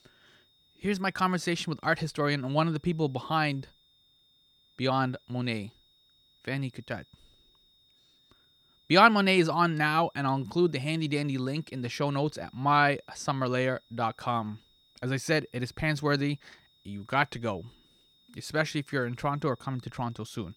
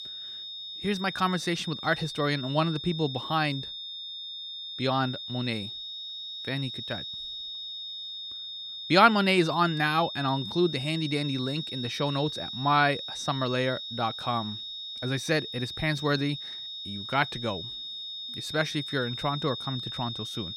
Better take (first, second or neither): first